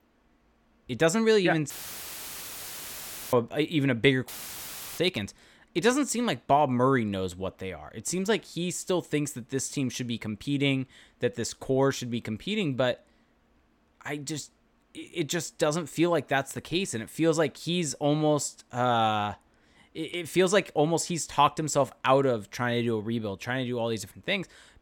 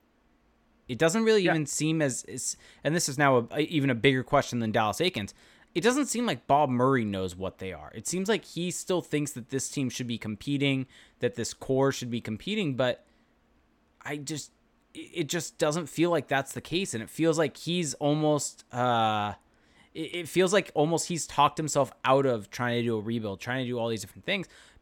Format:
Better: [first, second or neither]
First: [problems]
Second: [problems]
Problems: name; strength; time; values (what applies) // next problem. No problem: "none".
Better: second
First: audio cutting out; filled with static; at 1.5 s for 1.5 s and at 4.5 s for 0.5 s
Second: none